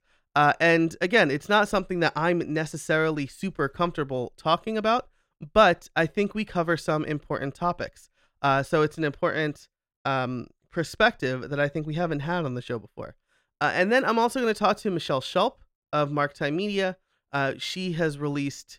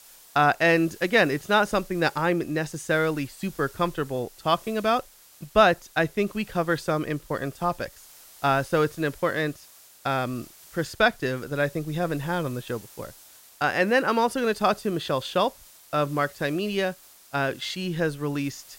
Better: first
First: none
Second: hiss; faint; throughout; 25 dB below the speech

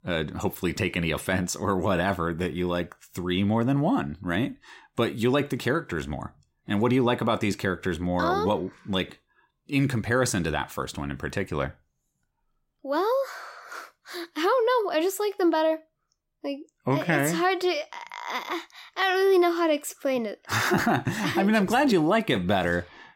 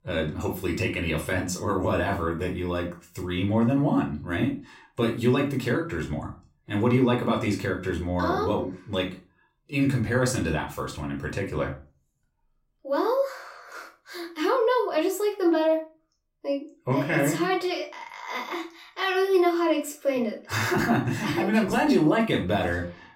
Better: first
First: none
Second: off-mic speech; somewhat distant // room echo; very slight; dies away in 0.3 s

